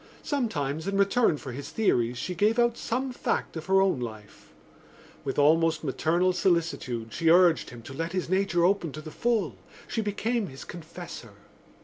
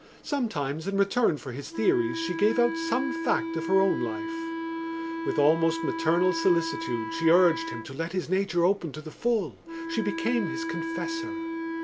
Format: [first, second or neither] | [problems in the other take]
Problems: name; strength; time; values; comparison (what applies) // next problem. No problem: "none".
first | background sound (Wind instrument, woodwind instrument); 6 dB below the speech